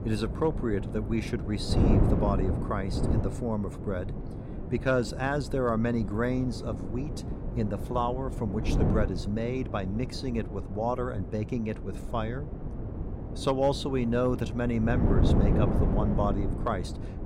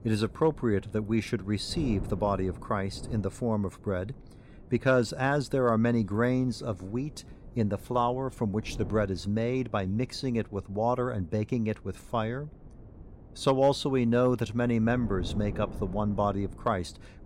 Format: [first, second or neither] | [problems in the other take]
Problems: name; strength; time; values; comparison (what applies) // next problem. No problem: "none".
second | wind noise on the microphone; heavy; 7 dB below the speech; occasional gusts in the second